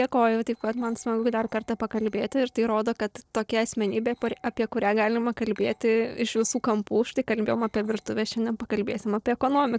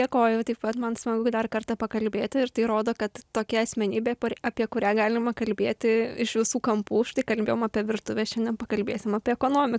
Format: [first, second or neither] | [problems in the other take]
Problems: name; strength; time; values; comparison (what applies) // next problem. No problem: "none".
second | noise reduction (neural separator model SepFormer DNS4)